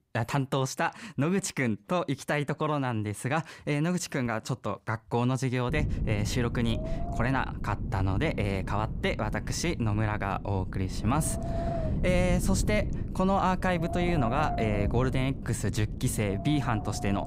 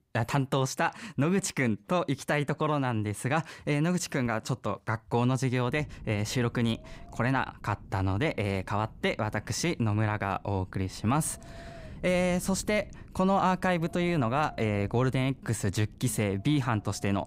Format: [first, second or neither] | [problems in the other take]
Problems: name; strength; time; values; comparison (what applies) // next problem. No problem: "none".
second | wind noise on the microphone; heavy; from 5.5 s on; 9 dB below the speech; occasional gusts in the second